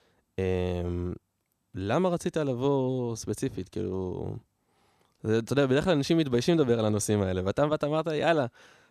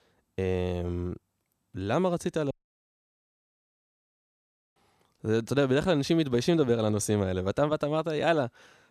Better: first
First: none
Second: audio cutting out; at 2.5 s for 2.5 s

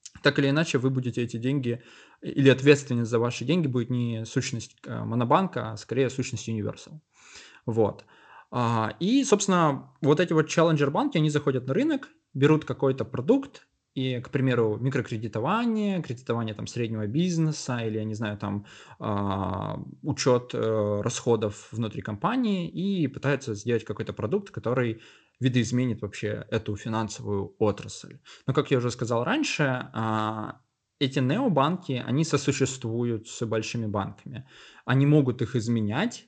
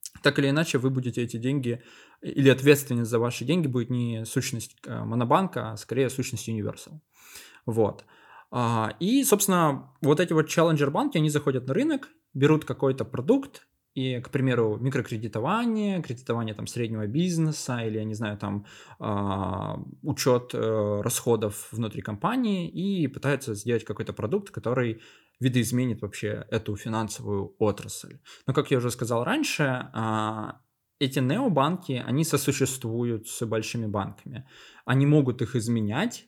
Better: second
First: garbled, watery; slightly; nothing above 8 kHz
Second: none

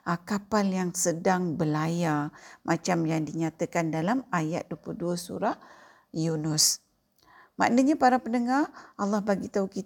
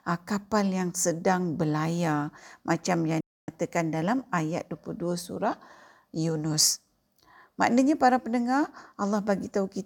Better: first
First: none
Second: audio cutting out; at 3 s

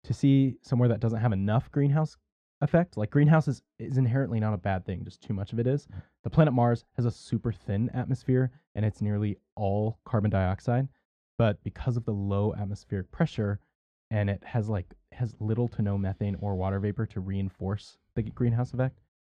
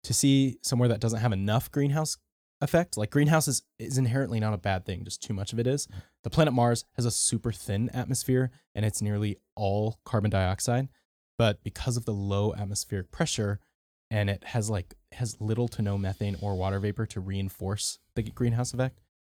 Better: second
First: muffled; very; fading above 2 kHz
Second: none

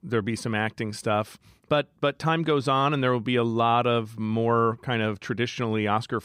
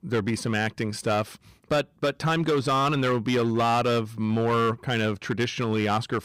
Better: first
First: none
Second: distortion; slight; 10% of the sound clipped

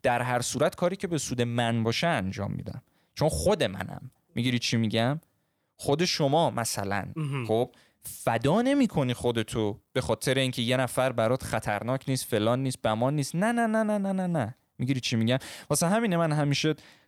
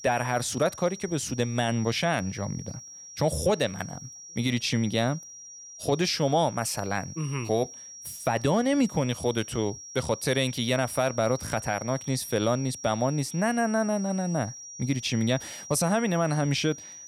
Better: first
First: none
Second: high-pitched whine; noticeable; throughout; 5.5 kHz, 15 dB below the speech

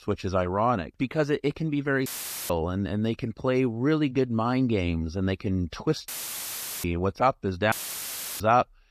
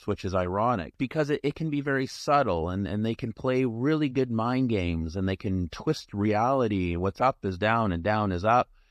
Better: second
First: audio cutting out; filled with static; at 2 s, at 6 s for 1 s and at 7.5 s for 0.5 s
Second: none

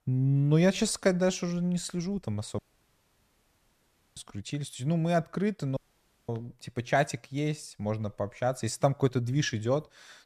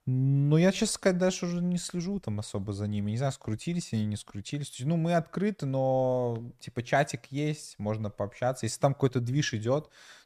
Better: second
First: audio cutting out; at 2.5 s for 1.5 s and at 6 s for 0.5 s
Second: none

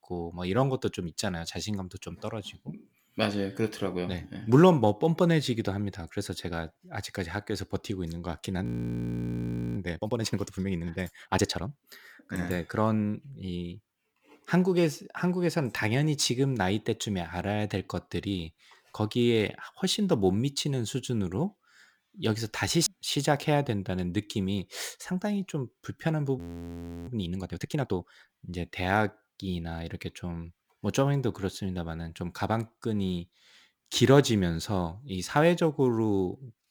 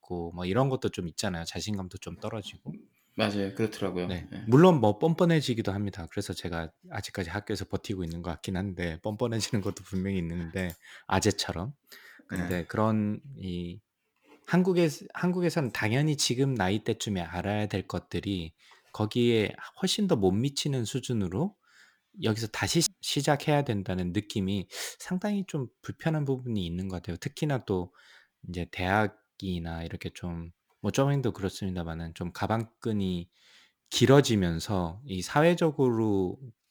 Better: second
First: audio freezing; at 8.5 s for 1 s and at 26 s for 0.5 s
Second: none

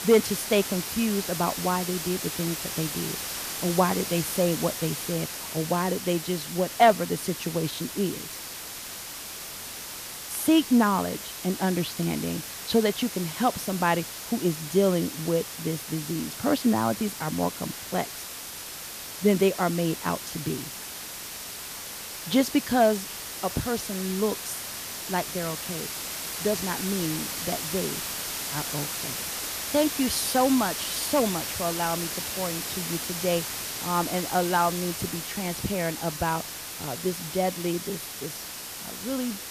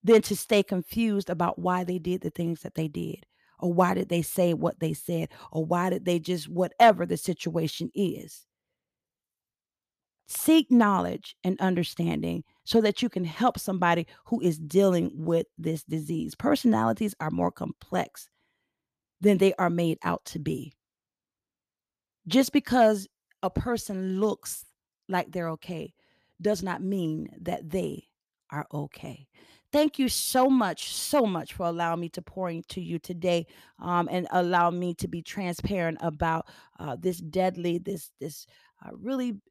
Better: second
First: hiss; loud; throughout; 5 dB below the speech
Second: none

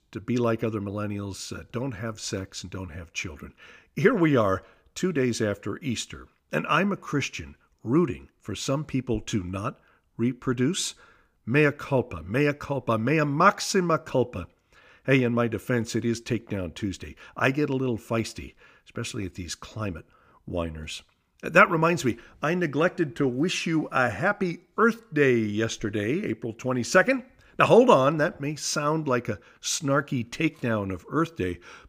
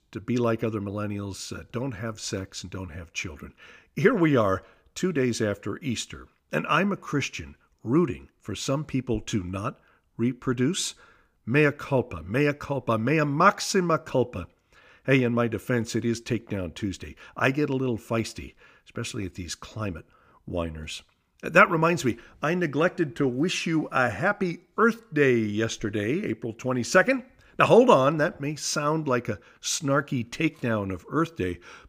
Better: neither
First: none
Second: none

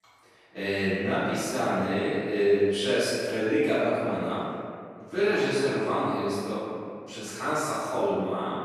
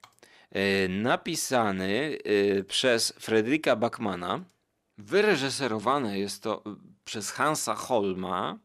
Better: second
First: off-mic speech; far // room echo; strong; dies away in 2 s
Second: none

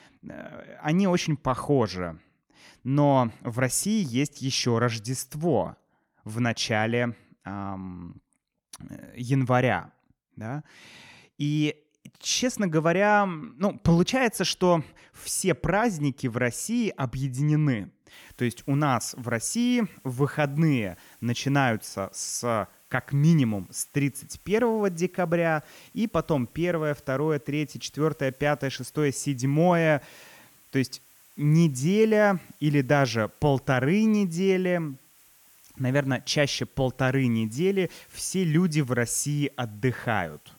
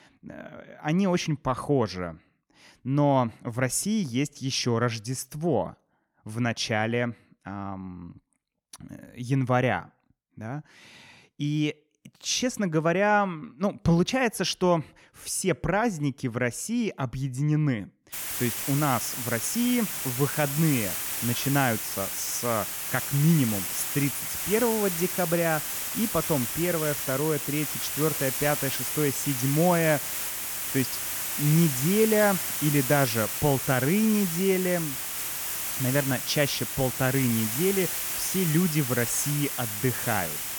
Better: first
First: hiss; faint; from 18 s on; 30 dB below the speech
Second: hiss; loud; from 18 s on; 2 dB below the speech

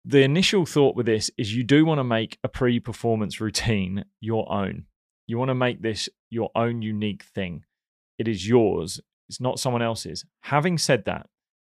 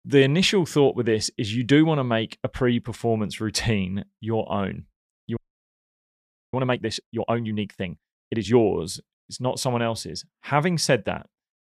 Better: first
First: none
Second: audio freezing; at 5.5 s for 1 s

